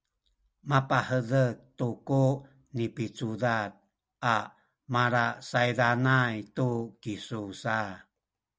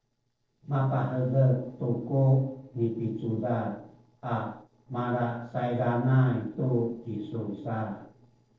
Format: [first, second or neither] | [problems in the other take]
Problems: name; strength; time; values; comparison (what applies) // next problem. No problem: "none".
first | noise reduction (neural separator model SepFormer DNS4)